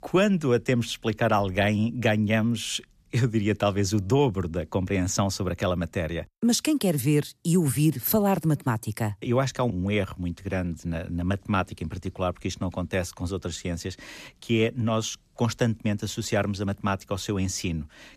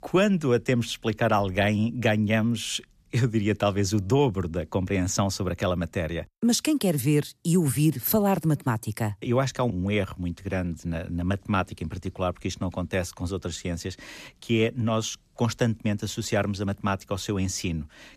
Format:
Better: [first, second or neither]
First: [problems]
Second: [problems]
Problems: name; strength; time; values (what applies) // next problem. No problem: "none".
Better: neither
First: none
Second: none